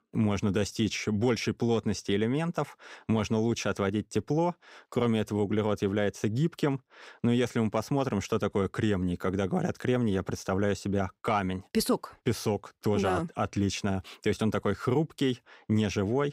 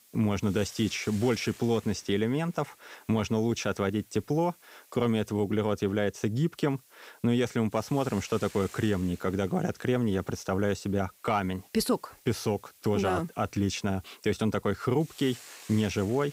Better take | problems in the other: first | hiss; faint; throughout; 20 dB below the speech

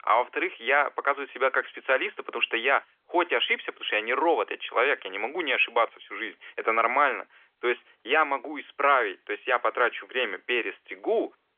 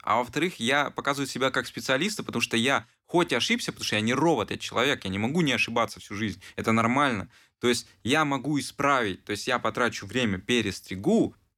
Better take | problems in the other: second | phone-call audio; nothing above 3.5 kHz

